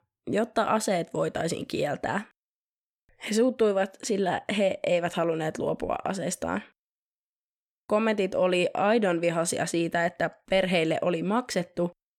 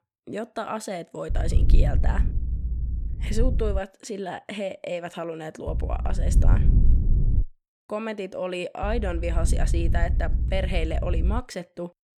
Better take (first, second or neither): first